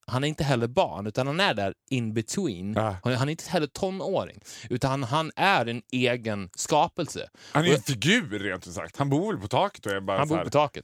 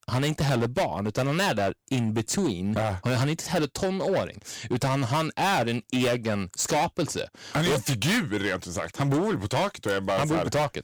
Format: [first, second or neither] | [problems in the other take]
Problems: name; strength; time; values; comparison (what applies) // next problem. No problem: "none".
first | distortion; heavy; 17% of the sound clipped